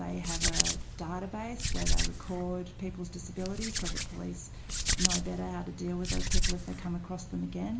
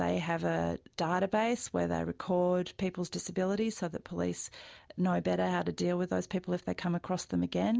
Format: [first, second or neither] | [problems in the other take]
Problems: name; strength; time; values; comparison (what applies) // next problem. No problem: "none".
second | background sound (Hands); 4 dB above the speech // room echo; dies away in 0.4 s